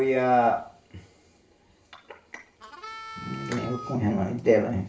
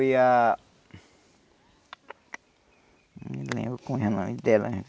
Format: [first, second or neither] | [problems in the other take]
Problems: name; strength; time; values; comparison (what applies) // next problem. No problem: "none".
second | background sound (Harmonica); 13 dB below the speech // room echo; dies away in 0.4 s